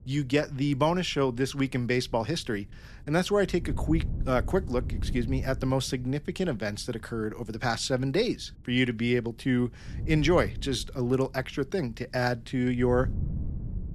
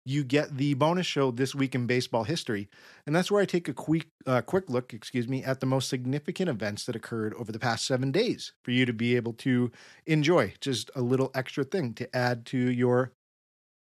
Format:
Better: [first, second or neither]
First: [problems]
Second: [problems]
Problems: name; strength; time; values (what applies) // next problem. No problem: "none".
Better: second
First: wind noise on the microphone; occasional gusts; 20 dB below the speech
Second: none